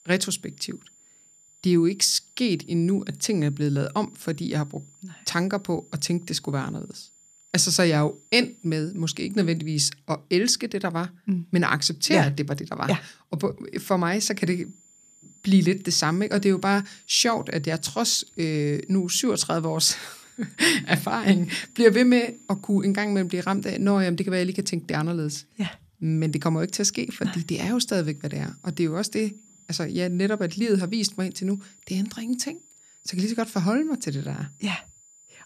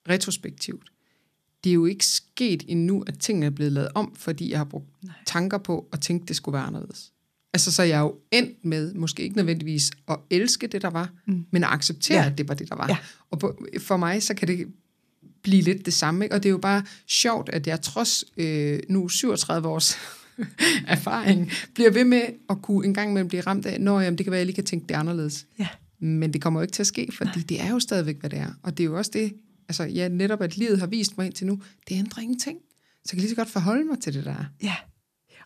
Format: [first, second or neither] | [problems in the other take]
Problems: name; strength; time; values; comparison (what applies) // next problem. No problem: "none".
second | high-pitched whine; faint; until 10 s, from 14 to 24 s and from 26 s on; 7 kHz, 30 dB below the speech